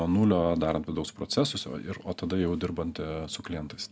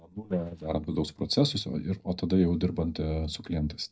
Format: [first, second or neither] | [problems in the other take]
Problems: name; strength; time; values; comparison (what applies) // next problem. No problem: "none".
first | noise reduction (neural mask model DeepFilterNet 3)